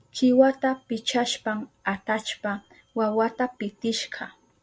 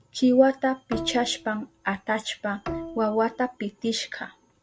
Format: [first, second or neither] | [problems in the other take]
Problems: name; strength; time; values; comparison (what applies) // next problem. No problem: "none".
first | background sound (Bowed string instrument); 13 dB below the speech